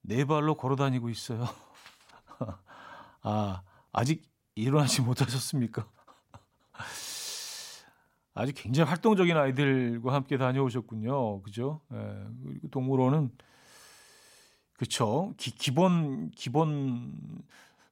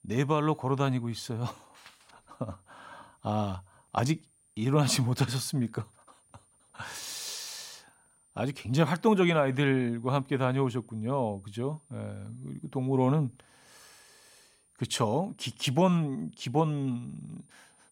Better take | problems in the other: first | high-pitched whine; faint; throughout; 9 kHz, 35 dB below the speech

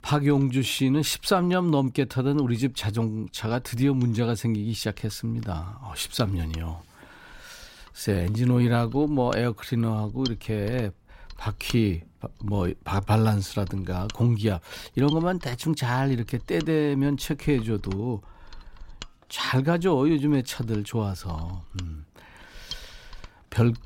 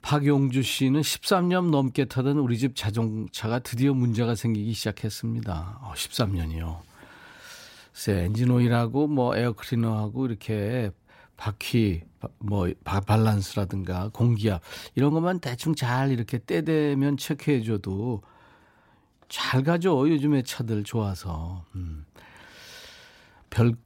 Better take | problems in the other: second | machinery noise; noticeable; throughout; 20 dB below the speech

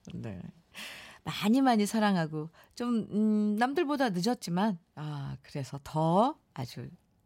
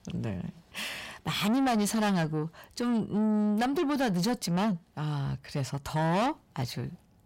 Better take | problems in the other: first | distortion; heavy; 7 dB below the speech

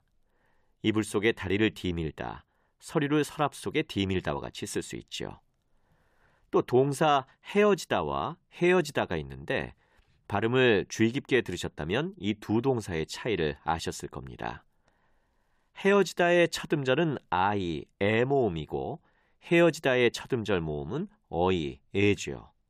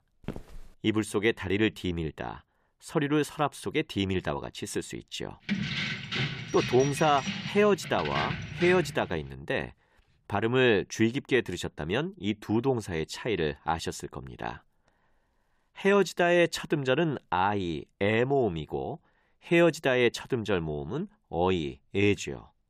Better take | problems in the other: first | footsteps; faint; at the start; peak 15 dB below the speech // jangling keys; noticeable; from 5.5 to 9 s; peak 2 dB below the speech

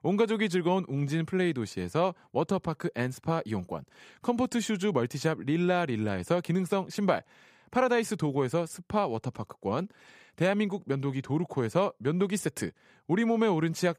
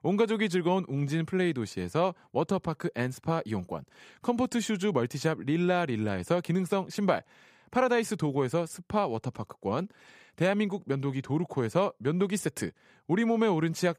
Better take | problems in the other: neither | none

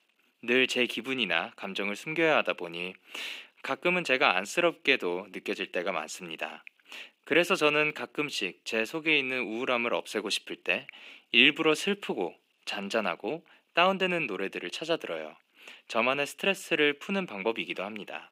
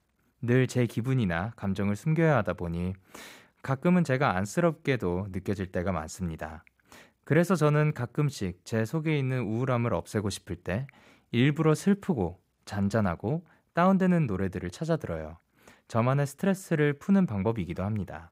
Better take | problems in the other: second | thin; somewhat; fading below 250 Hz

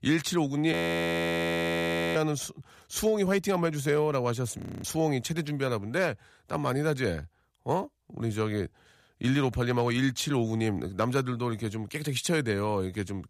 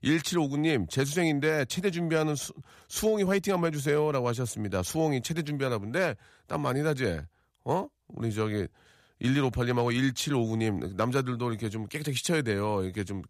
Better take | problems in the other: second | audio freezing; at 0.5 s for 1.5 s and at 4.5 s

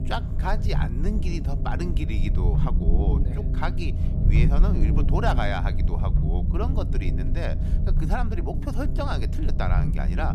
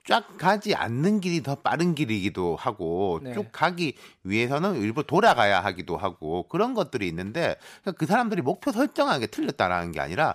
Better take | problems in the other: second | low rumble; loud; throughout; 6 dB below the speech

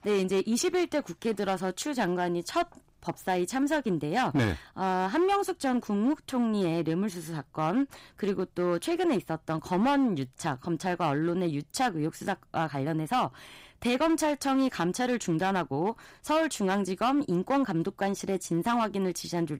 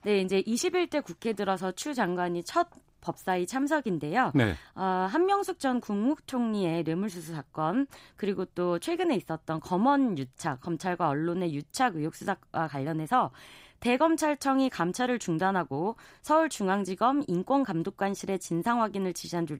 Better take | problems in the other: second | distortion; slight; 7% of the sound clipped

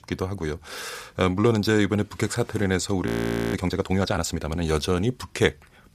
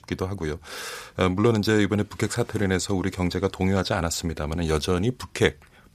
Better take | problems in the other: second | audio freezing; at 3 s

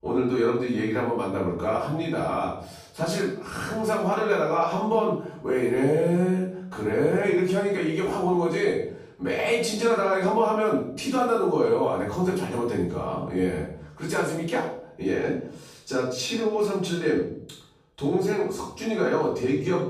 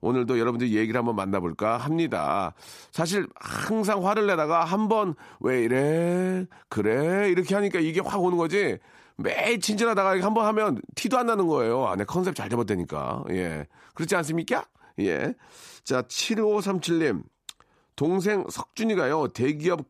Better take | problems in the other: second | off-mic speech; far // room echo; noticeable; dies away in 0.6 s

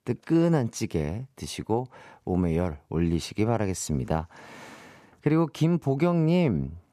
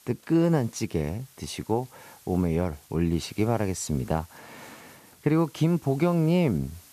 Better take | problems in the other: first | hiss; faint; throughout; 25 dB below the speech

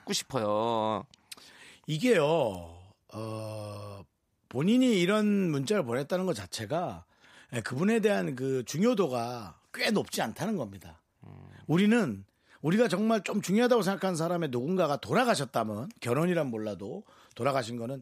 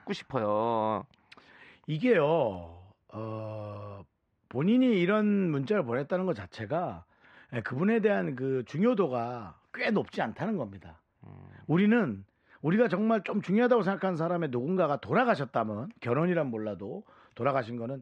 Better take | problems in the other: first | muffled; very; fading above 2 kHz

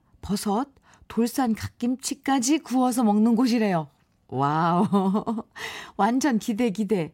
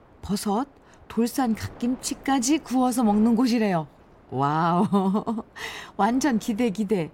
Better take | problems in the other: first | wind noise on the microphone; occasional gusts; 25 dB below the speech

